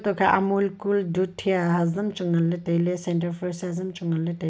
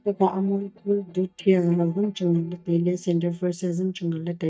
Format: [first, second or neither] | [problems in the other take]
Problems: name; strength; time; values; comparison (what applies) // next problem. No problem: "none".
first | noise reduction (neural mask model DeepFilterNet 3)